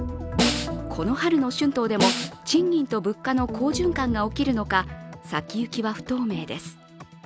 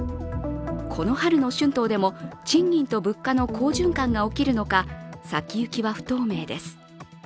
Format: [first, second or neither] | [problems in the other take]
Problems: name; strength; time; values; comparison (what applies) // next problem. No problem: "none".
second | background sound (Snare drum); 2 dB below the speech